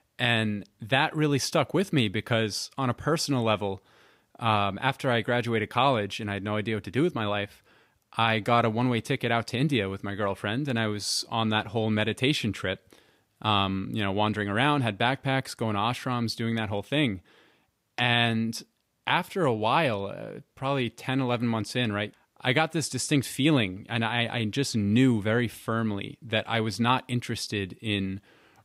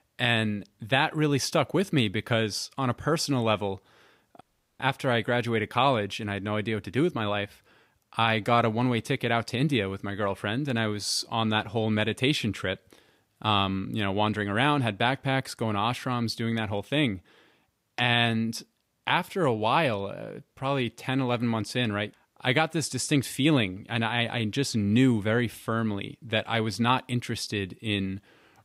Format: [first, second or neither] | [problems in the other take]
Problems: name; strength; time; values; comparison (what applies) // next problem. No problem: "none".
first | audio cutting out; at 4.5 s